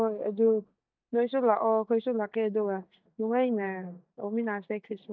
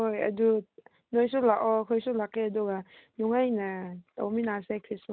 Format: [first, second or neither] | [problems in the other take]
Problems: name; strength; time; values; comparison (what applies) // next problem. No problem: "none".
second | noise reduction (neural mask model DeepFilterNet 3)